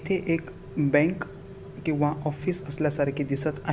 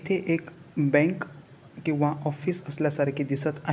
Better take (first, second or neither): second